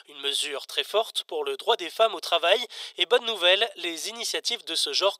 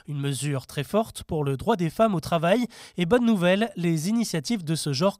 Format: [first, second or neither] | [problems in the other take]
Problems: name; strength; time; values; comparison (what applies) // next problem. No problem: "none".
second | thin; very; fading below 400 Hz